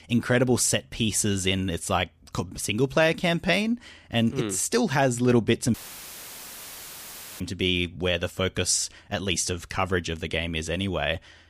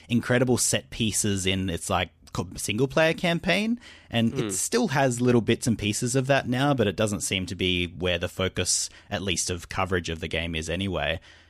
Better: second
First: audio cutting out; filled with static; at 5.5 s for 1.5 s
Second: none

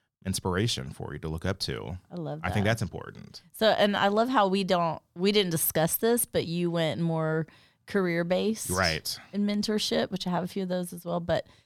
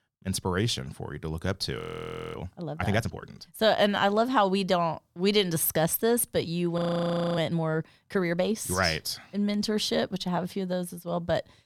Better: first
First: none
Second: audio freezing; at 2 s for 0.5 s and at 7 s for 0.5 s

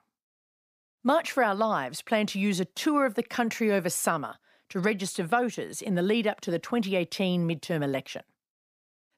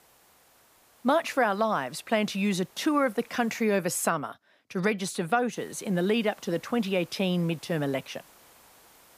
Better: first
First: none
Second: hiss; faint; until 3.5 s and from 5.5 s on; 25 dB below the speech

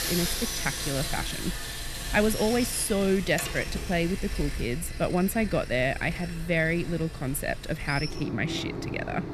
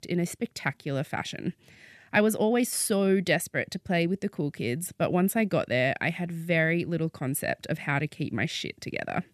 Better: second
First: machinery noise; loud; throughout; 6 dB below the speech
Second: none

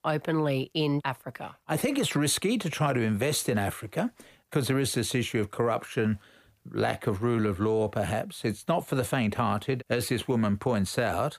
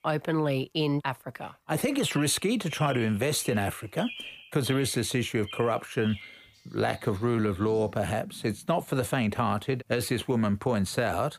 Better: first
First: none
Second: animal sounds; noticeable; throughout; 15 dB below the speech

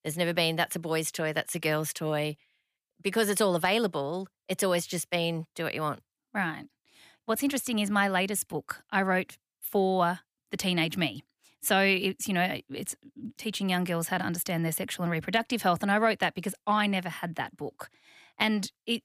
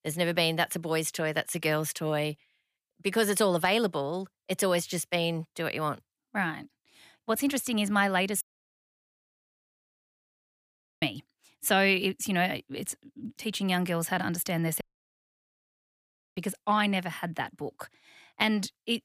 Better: first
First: none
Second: audio cutting out; at 8.5 s for 2.5 s and at 15 s for 1.5 s

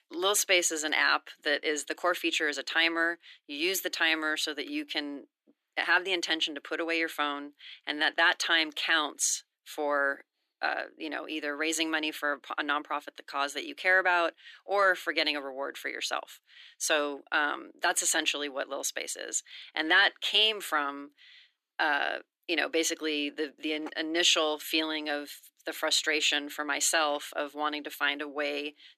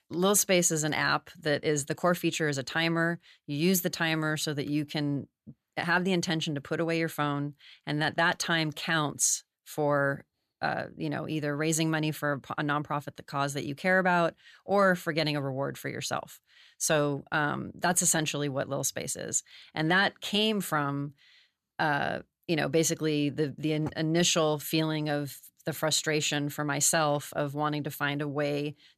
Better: second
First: thin; somewhat; fading below 300 Hz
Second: none

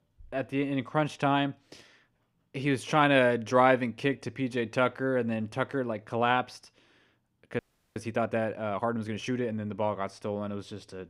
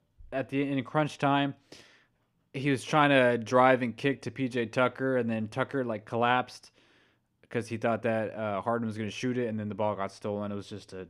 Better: second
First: audio freezing; at 7.5 s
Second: none

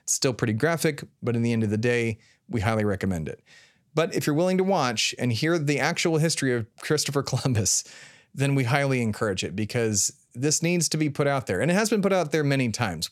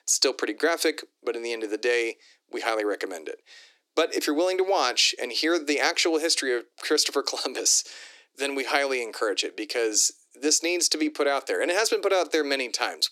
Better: first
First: none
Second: thin; very; fading below 300 Hz

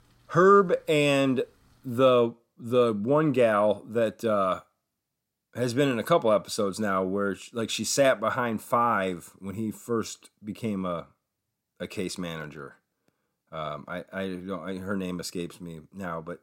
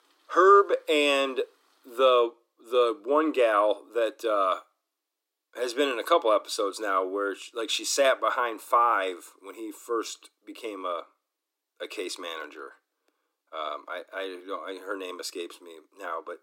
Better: first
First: none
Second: thin; somewhat; fading below 300 Hz

